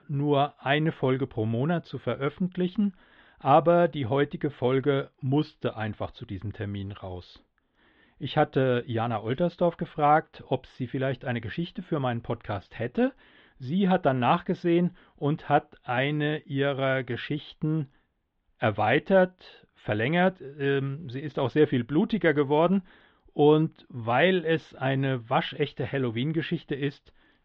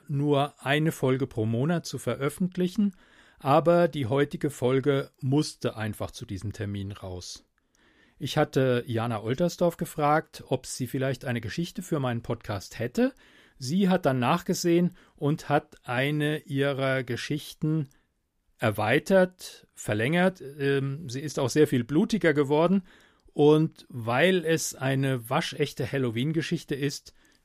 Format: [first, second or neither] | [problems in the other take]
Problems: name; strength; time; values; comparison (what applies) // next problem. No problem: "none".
second | muffled; very; fading above 3.5 kHz